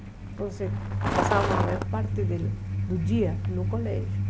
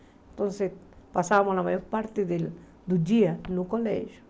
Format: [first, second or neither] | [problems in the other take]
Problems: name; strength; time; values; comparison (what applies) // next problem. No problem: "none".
second | background sound (Truck); 4 dB above the speech